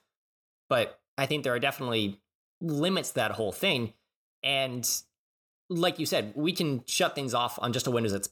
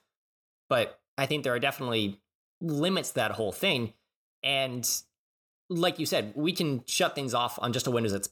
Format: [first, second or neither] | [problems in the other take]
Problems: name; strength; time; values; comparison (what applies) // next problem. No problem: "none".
neither | none